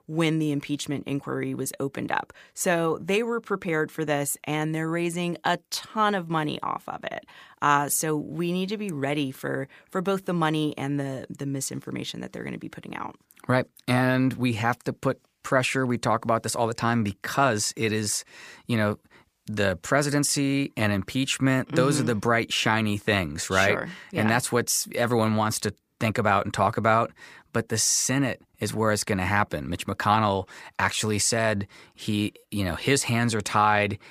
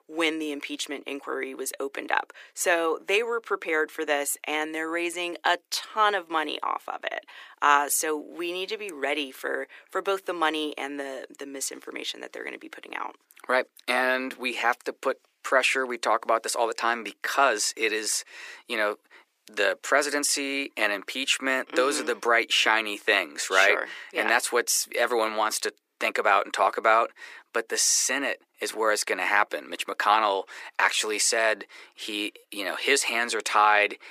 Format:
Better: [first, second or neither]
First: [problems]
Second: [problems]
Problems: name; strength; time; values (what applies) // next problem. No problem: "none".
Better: first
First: none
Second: thin; very; fading below 350 Hz